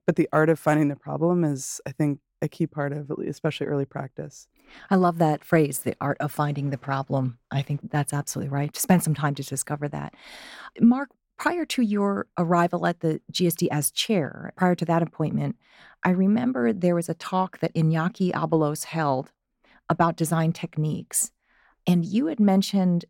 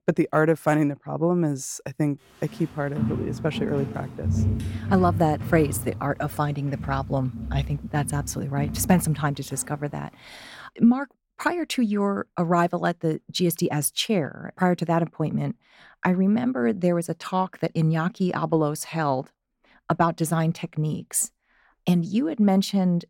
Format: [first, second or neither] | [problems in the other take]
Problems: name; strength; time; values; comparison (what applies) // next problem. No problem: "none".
first | footsteps; loud; from 3 to 9 s; peak 1 dB above the speech